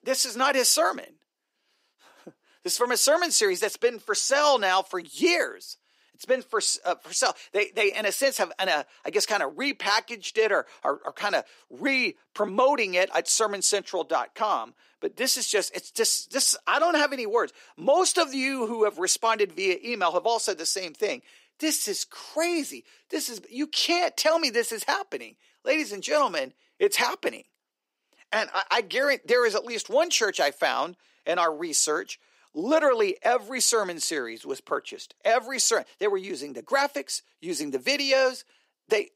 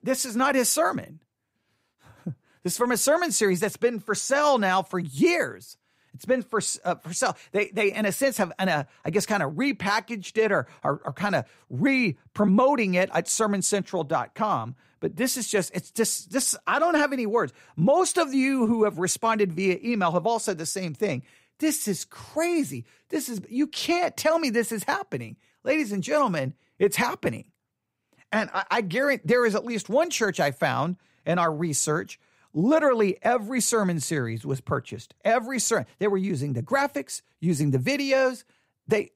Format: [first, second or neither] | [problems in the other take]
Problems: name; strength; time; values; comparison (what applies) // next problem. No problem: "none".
second | thin; somewhat; fading below 300 Hz